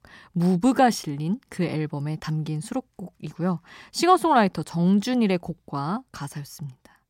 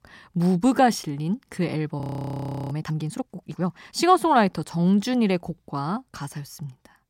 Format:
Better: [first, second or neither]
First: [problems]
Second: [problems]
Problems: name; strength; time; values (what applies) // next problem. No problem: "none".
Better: first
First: none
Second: audio freezing; at 2 s for 0.5 s